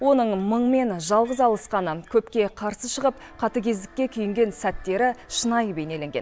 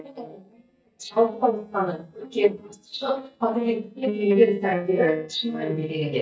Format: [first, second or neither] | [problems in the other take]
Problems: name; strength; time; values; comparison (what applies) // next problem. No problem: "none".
first | noise reduction (neural mask model DeepFilterNet 3)